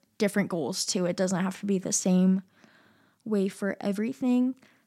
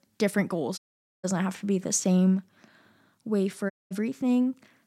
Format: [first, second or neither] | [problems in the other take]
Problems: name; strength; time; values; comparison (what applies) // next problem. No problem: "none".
first | audio cutting out; at 1 s and at 3.5 s